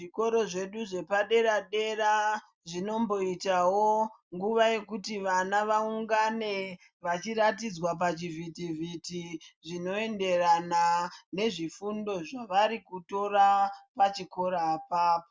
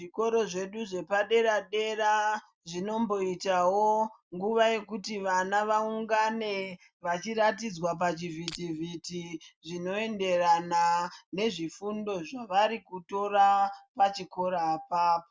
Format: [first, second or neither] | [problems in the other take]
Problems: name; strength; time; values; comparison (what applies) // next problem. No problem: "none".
first | background sound (Crushing); 13 dB below the speech